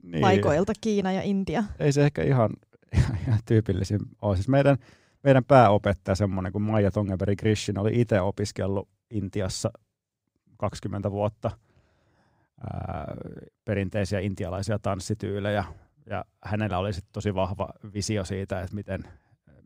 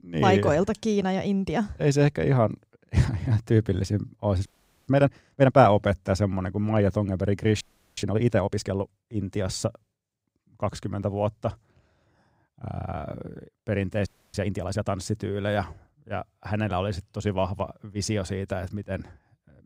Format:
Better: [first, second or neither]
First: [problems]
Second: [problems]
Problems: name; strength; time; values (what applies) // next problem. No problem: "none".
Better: first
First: none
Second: audio freezing; at 4.5 s, at 7.5 s and at 14 s